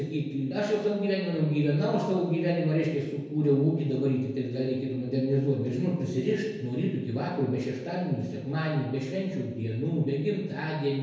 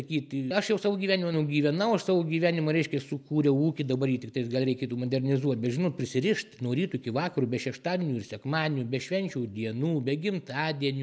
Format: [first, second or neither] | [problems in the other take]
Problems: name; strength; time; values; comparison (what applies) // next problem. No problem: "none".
second | room echo; dies away in 1.2 s